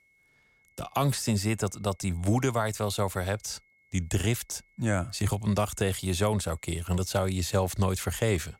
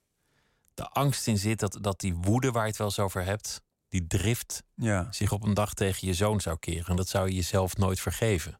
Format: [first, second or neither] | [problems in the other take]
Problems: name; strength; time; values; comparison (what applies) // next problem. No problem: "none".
second | high-pitched whine; faint; throughout; 2 kHz, 35 dB below the speech